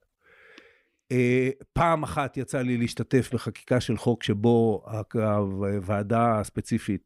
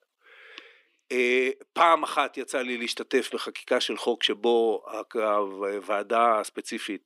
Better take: first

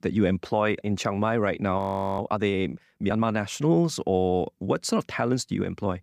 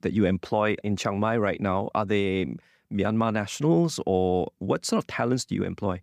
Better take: second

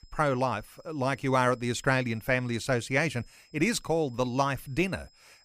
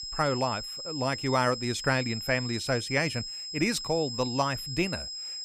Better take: first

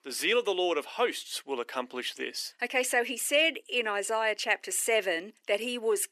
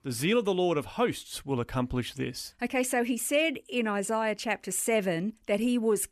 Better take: second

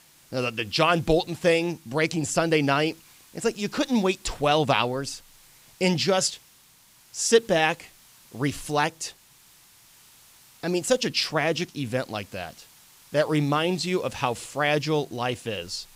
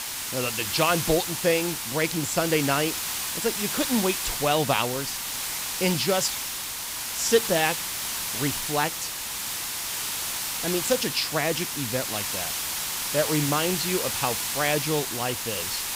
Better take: first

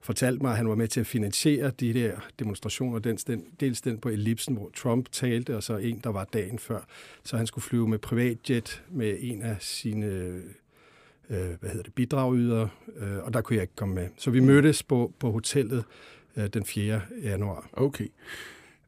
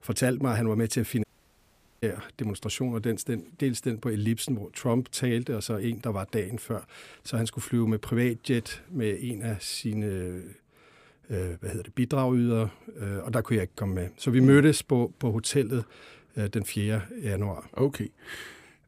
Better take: first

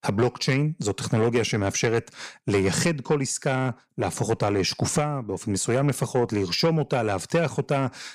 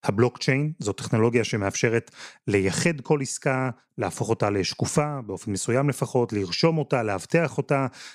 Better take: second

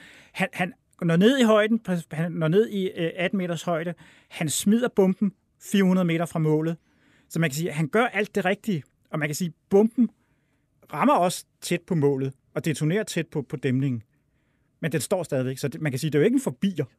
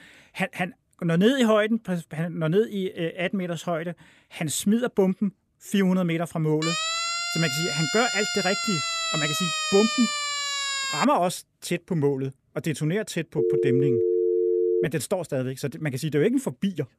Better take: first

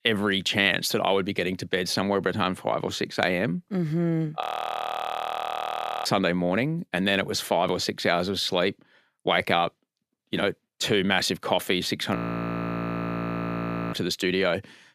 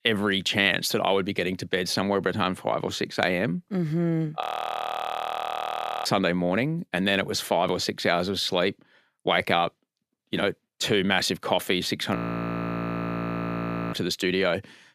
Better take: neither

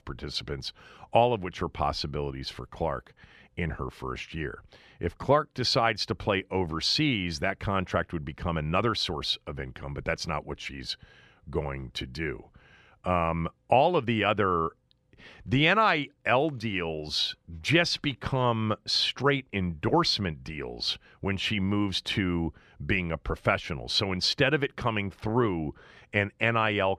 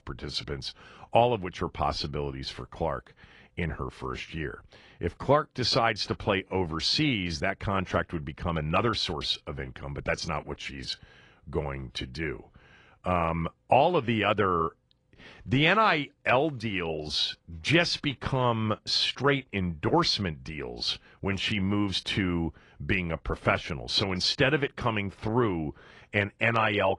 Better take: first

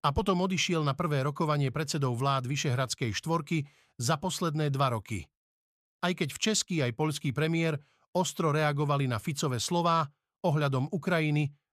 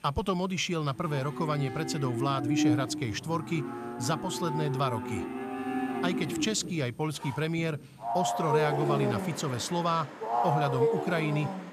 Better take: first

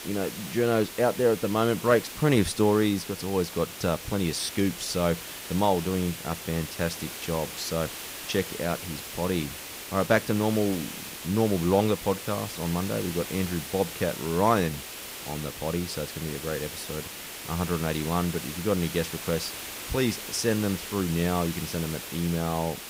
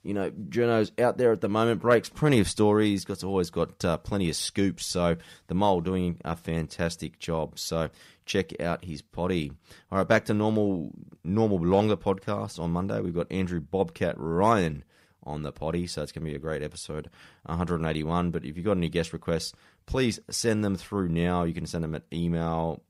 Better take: second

